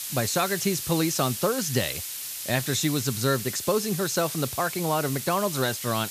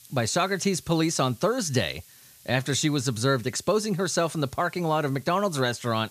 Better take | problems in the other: second | hiss; loud; throughout; 5 dB below the speech; faint in the second

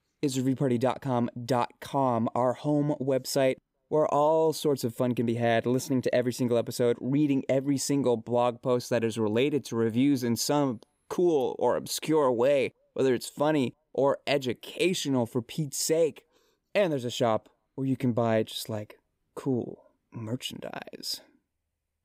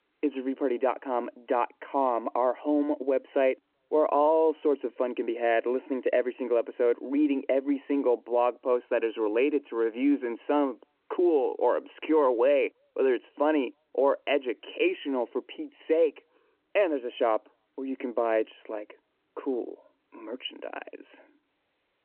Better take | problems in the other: first | phone-call audio

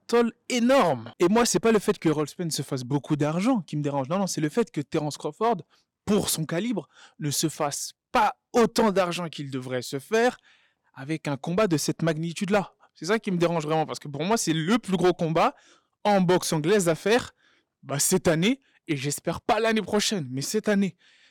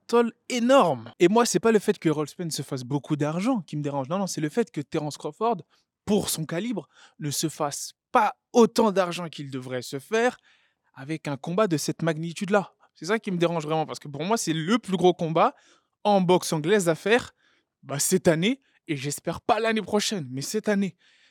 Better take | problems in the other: second | distortion; slight; 4% of the sound clipped

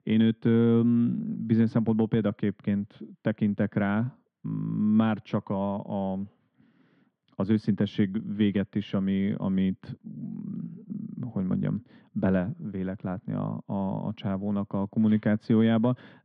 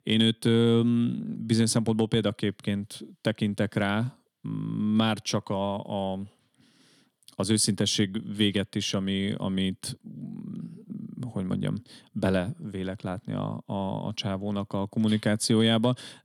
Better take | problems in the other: second | muffled; very; fading above 2 kHz

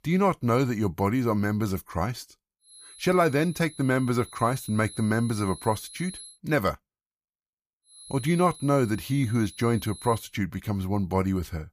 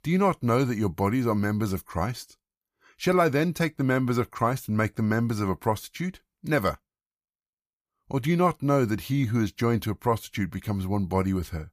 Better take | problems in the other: second | high-pitched whine; noticeable; from 2.5 to 6.5 s and from 8 to 10 s; 10.5 kHz, 15 dB below the speech

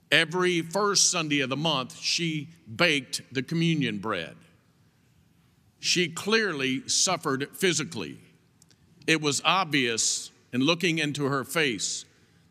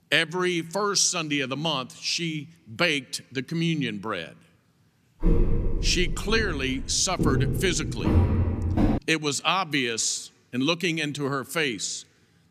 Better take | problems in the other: first | footsteps; loud; from 5 to 9 s; peak 4 dB above the speech

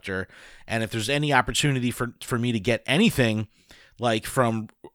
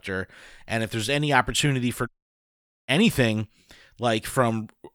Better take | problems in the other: first | audio cutting out; at 2 s for 1 s

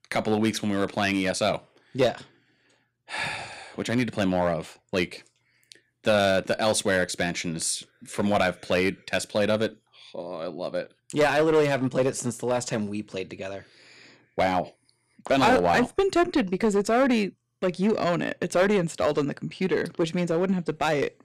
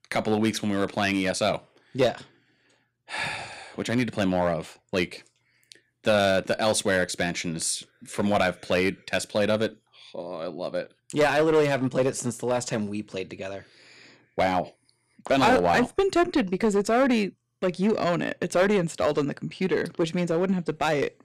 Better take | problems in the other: neither | distortion; slight; 4% of the sound clipped; the same in both

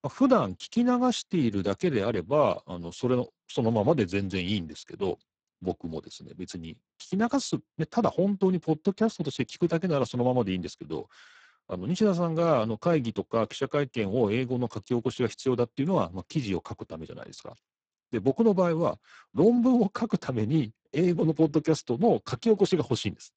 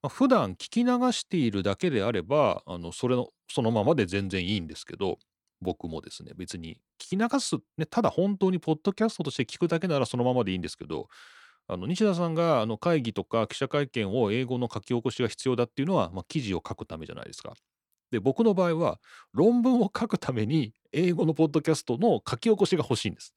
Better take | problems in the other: second | garbled, watery; badly; nothing above 8 kHz

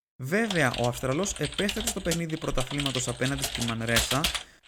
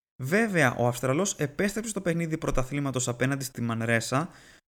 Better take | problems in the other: second | keyboard typing; loud; peak 4 dB above the speech

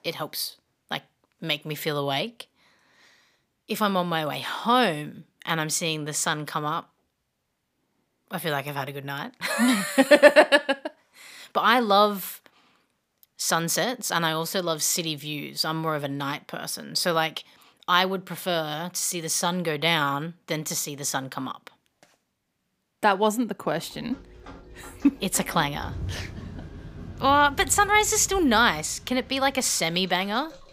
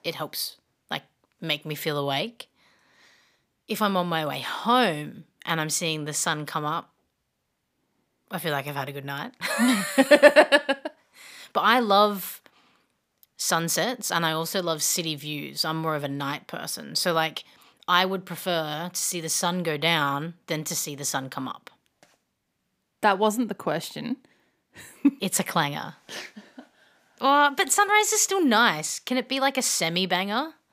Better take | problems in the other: second | rain or running water; noticeable; from 24 s on; 20 dB below the speech

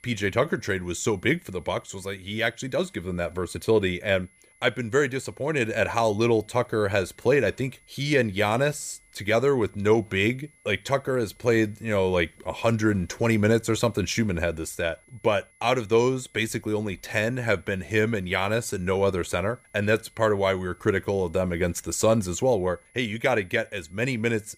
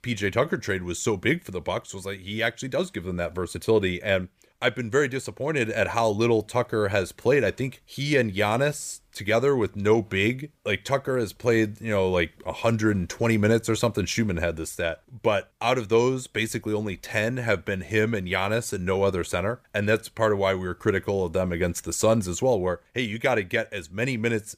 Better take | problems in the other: second | high-pitched whine; faint; throughout; 2 kHz, 30 dB below the speech

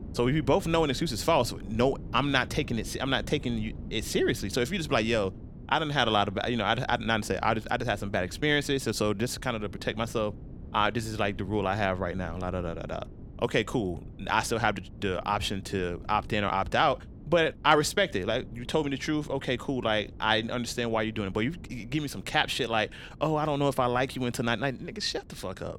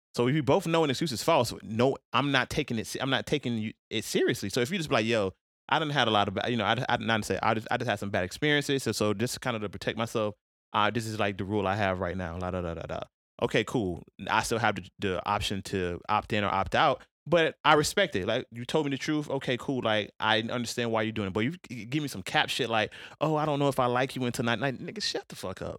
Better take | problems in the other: second | wind noise on the microphone; occasional gusts; 25 dB below the speech

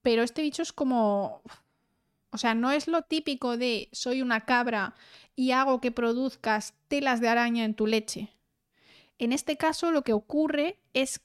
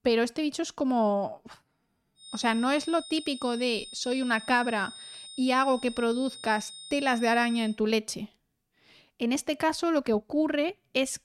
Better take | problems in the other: first | high-pitched whine; noticeable; from 2 to 7.5 s; 3.5 kHz, 15 dB below the speech

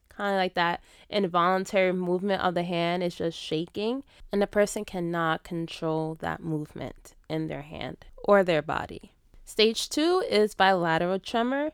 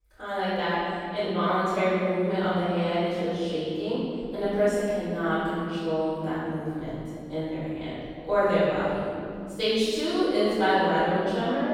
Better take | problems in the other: first | room echo; strong; dies away in 2.8 s // off-mic speech; far

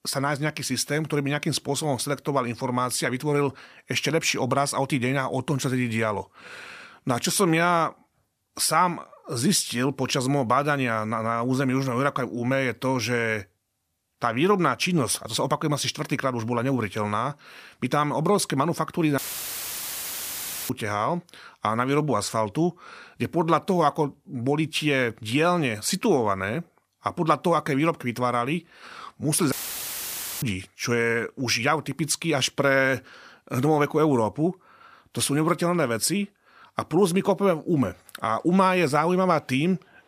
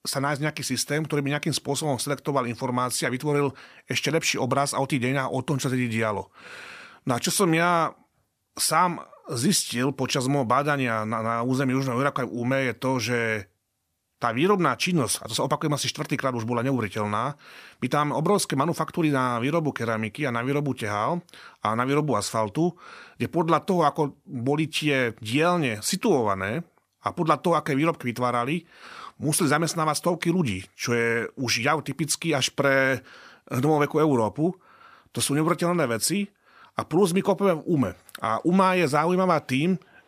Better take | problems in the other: second | audio cutting out; filled with static; at 19 s for 1.5 s and at 30 s for 1 s

